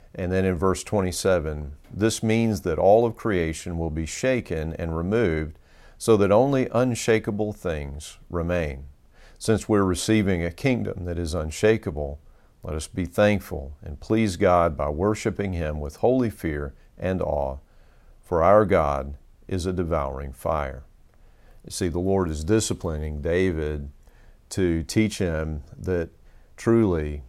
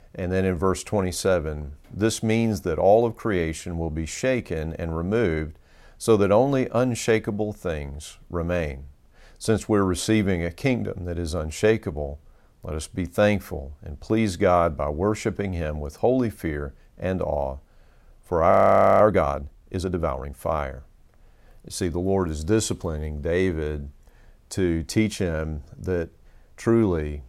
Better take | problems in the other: first | audio freezing; at 19 s

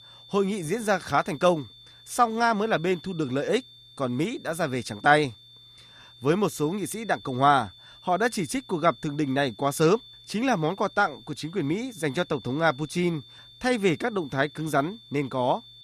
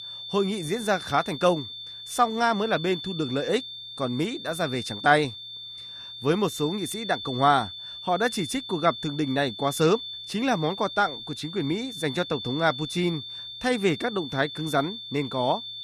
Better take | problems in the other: first | high-pitched whine; loud; throughout; 3.5 kHz, 9 dB below the speech; faint in the first

